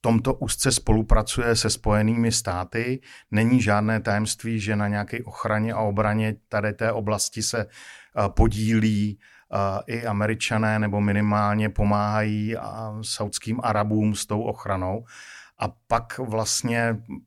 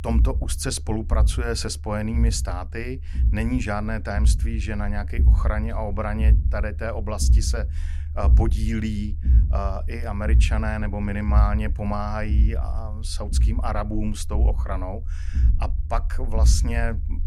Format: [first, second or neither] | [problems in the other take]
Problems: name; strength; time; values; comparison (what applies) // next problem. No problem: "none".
first | low rumble; noticeable; throughout; 15 dB below the speech